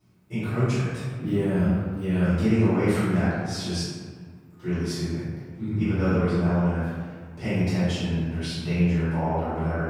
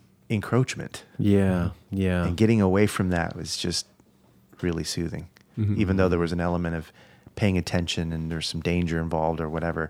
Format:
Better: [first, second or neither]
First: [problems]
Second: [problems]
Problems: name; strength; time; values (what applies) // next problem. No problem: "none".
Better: second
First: room echo; strong; dies away in 1.6 s // off-mic speech; far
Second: none